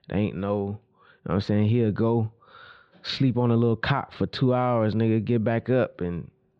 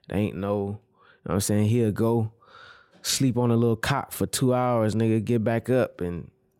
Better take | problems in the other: second | muffled; very slightly; fading above 4 kHz

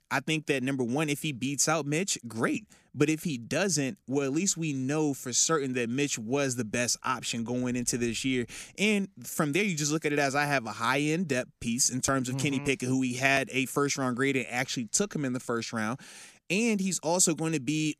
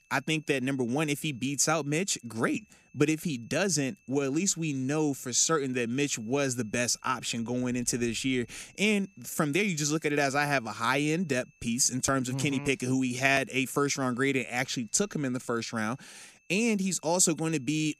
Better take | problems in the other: first | high-pitched whine; faint; throughout; 2.5 kHz, 35 dB below the speech

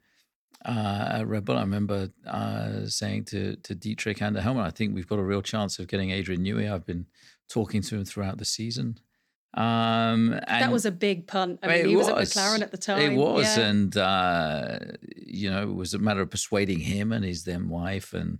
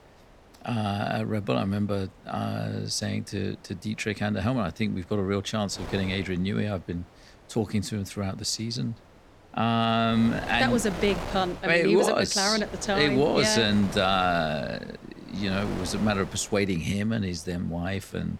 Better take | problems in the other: first | wind noise on the microphone; occasional gusts; 15 dB below the speech

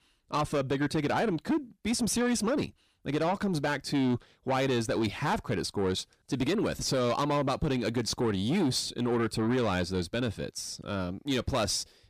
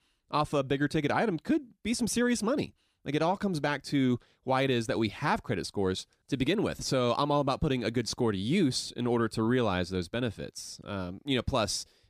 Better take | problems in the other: second | distortion; slight; 10 dB below the speech

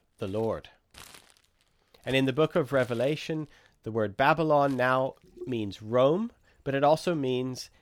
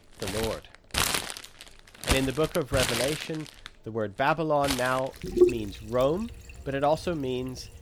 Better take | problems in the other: first | household noises; loud; throughout; as loud as the speech; faint in the first

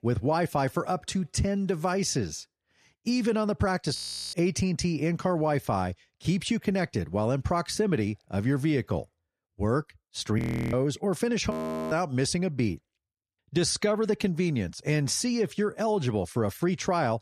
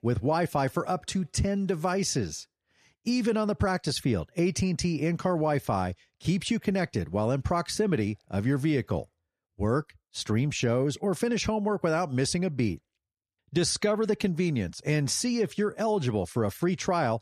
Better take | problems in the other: second | audio freezing; at 4 s, at 10 s and at 12 s

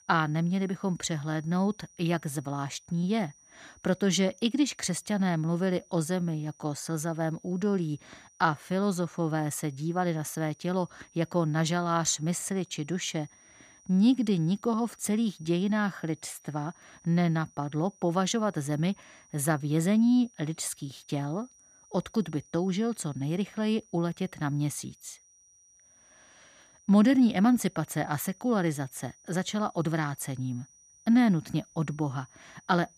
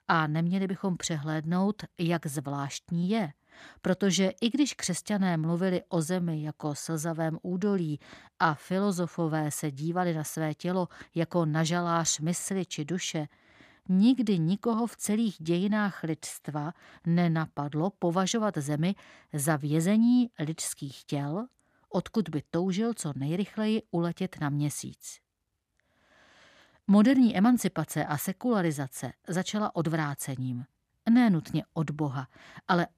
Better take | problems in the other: second | high-pitched whine; faint; throughout; 6 kHz, 30 dB below the speech

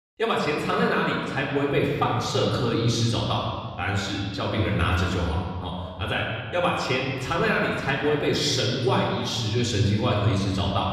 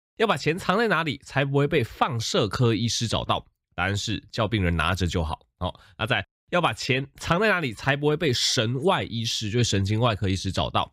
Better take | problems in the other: second | room echo; noticeable; dies away in 1.6 s // off-mic speech; somewhat distant

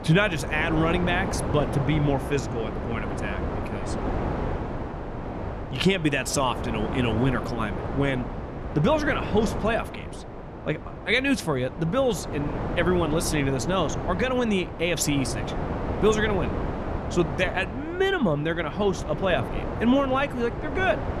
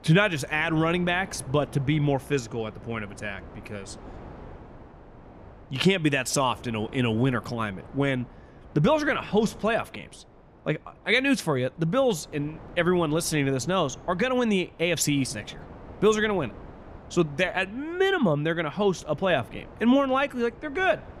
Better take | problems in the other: second | wind noise on the microphone; heavy; 7 dB below the speech; occasional gusts in the second

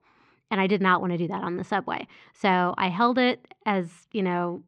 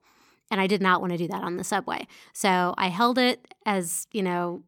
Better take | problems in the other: second | muffled; slightly; fading above 3.5 kHz

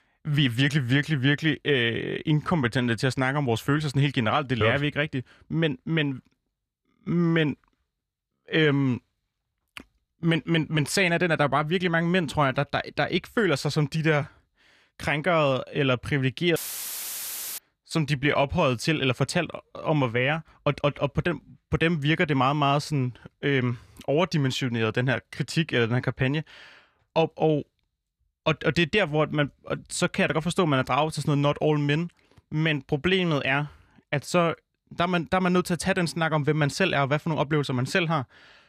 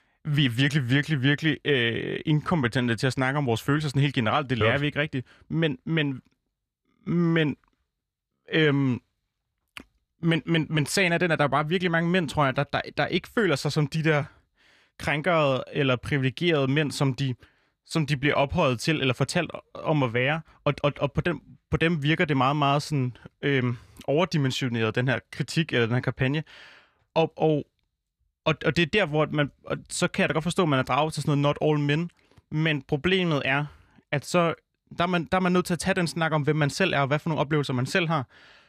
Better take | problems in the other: second | audio cutting out; filled with static; at 17 s for 1 s

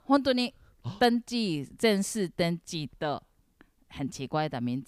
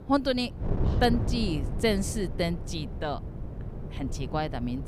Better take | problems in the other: first | wind noise on the microphone; occasional gusts; 10 dB below the speech

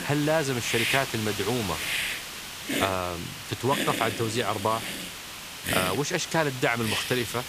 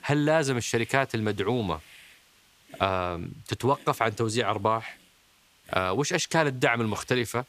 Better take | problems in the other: second | hiss; loud; throughout; 3 dB below the speech; faint in the second

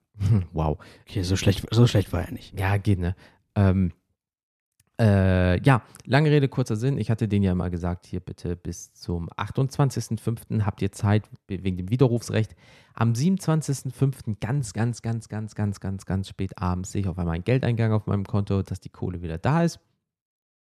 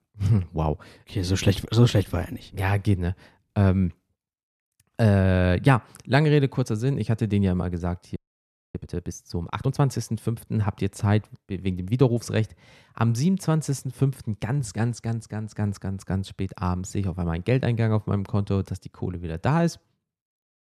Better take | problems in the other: first | audio freezing; at 8 s for 0.5 s

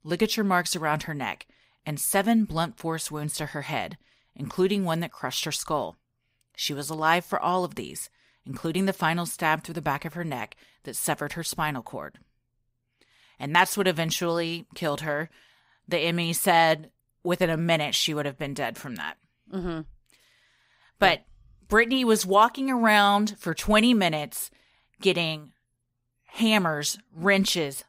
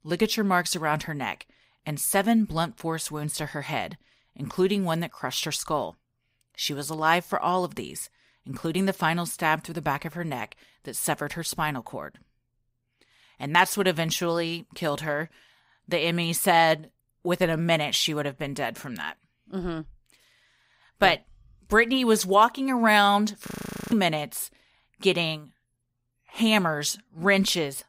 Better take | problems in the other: first | audio freezing; at 23 s

